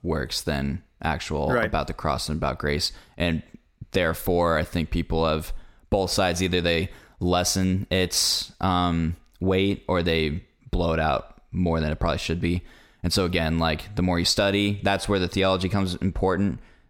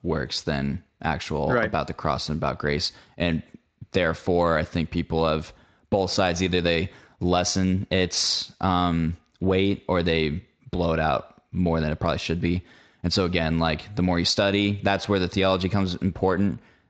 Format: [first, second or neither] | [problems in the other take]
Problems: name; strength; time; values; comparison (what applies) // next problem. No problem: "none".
first | garbled, watery; slightly